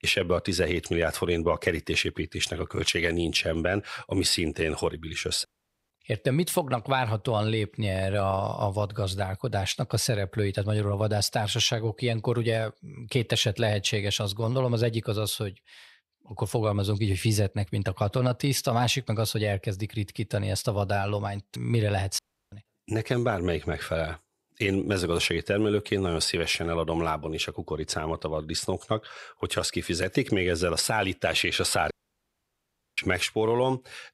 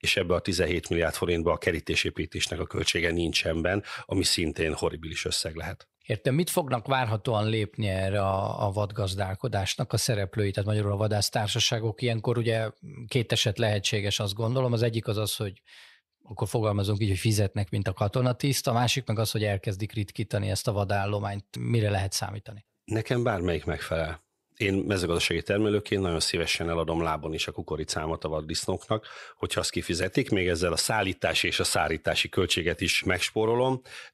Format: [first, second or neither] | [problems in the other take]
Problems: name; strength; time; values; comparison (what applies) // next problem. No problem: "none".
second | audio cutting out; at 5.5 s, at 22 s and at 32 s for 1 s